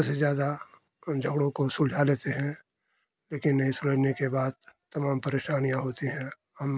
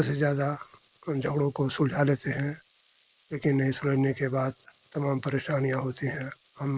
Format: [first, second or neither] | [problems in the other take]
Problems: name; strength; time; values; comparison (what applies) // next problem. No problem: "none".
first | noise reduction (neural mask model Resemble Enhance denoiser)